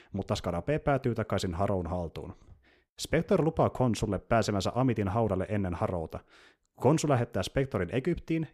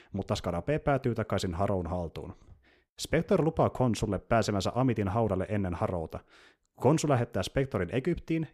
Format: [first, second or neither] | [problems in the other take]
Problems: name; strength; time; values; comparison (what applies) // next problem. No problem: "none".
neither | none